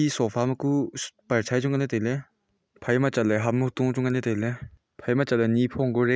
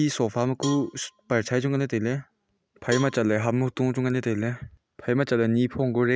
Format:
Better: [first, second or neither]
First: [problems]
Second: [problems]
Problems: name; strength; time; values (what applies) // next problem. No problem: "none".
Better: first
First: none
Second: background sound (Cowbell); 18 dB below the speech